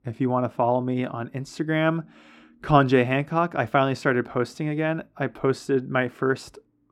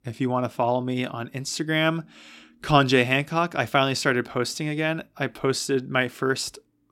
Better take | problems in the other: second | muffled; slightly; fading above 2.5 kHz

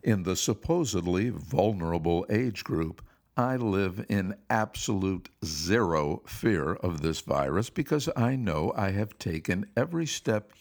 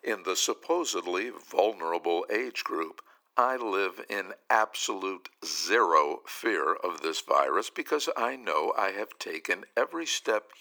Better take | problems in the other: first | thin; very; fading below 350 Hz

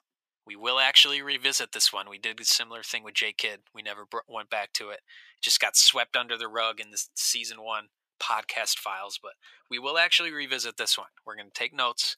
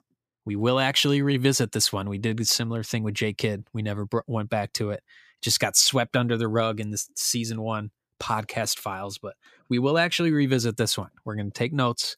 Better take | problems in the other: second | thin; very; fading below 900 Hz

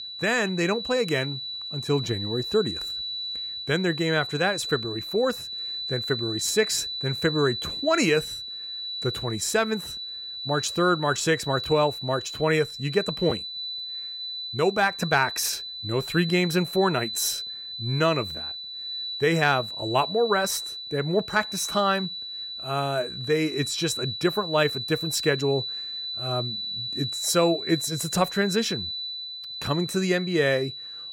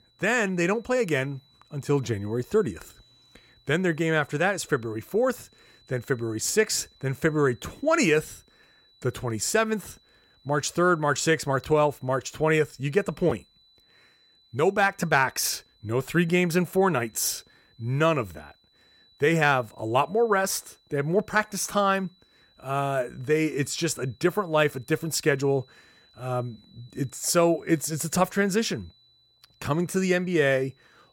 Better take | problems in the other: second | high-pitched whine; loud; throughout; 4 kHz, 6 dB below the speech; faint in the second

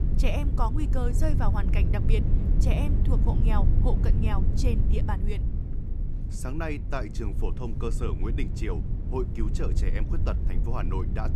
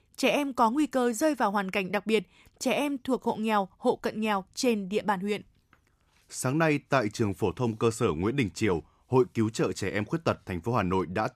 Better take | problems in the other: second | low rumble; loud; throughout; 6 dB below the speech

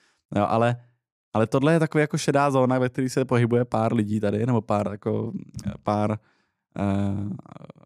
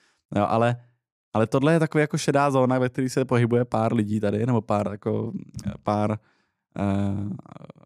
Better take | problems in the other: neither | none

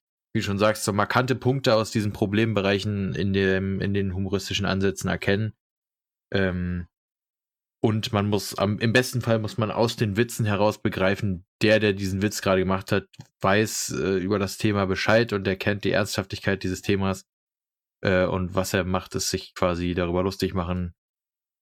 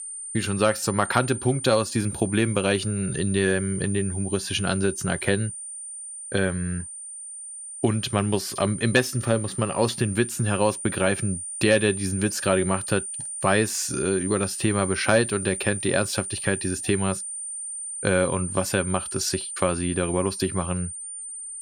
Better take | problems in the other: first | high-pitched whine; loud; throughout; 9 kHz, 7 dB below the speech

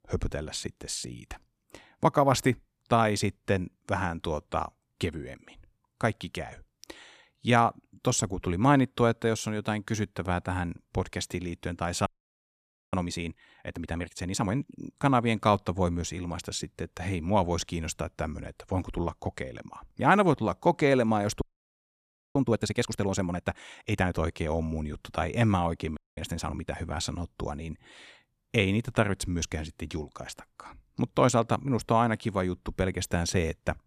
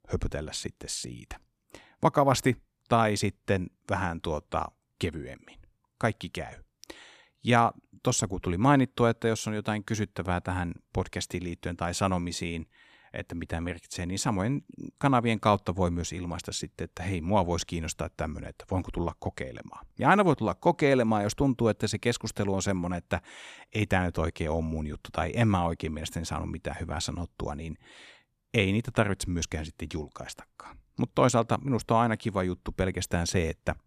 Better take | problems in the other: second | audio freezing; at 12 s for 1 s, at 21 s for 1 s and at 26 s

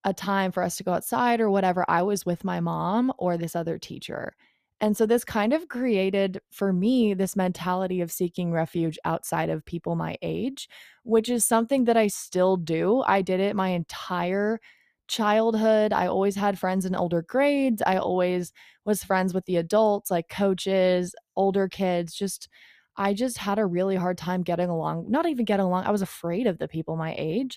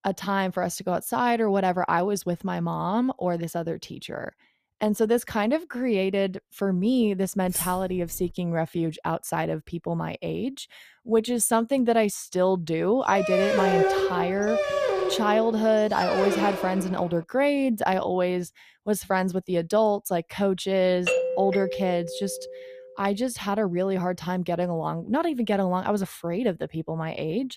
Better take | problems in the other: first | jangling keys; noticeable; at 7.5 s; peak 3 dB below the speech // dog barking; loud; from 13 to 17 s; peak 4 dB above the speech // doorbell; loud; from 21 to 23 s; peak 1 dB above the speech

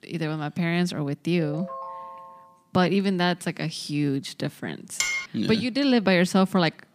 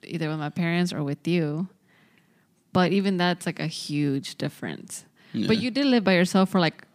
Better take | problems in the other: second | phone ringing; faint; from 1.5 to 2.5 s; peak 10 dB below the speech // clattering dishes; noticeable; at 5 s; peak 1 dB below the speech

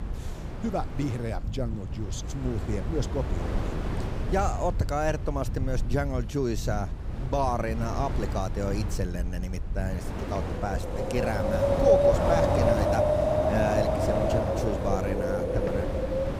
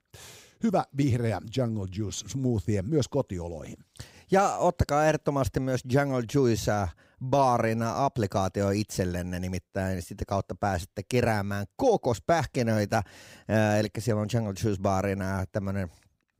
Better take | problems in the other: second | wind in the background; very loud; throughout; 3 dB above the speech

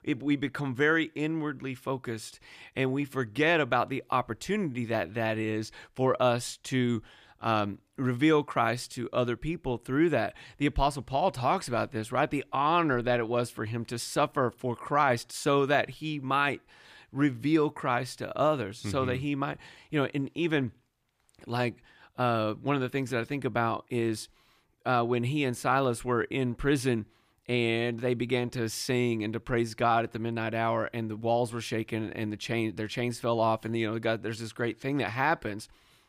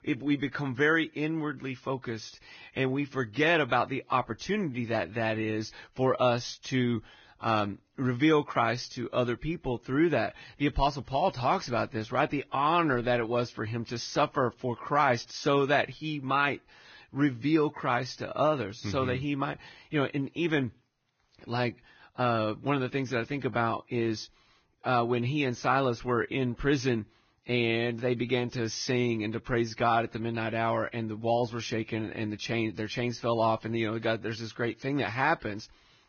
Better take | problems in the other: first | garbled, watery; badly; nothing above 6.5 kHz

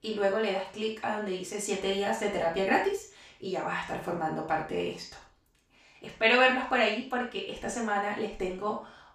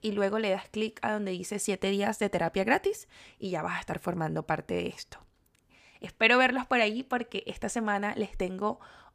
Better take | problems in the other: second | room echo; noticeable; dies away in 0.3 s // off-mic speech; far

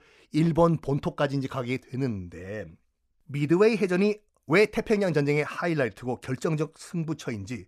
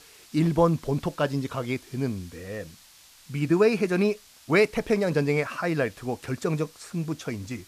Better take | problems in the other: first | hiss; faint; throughout; 25 dB below the speech

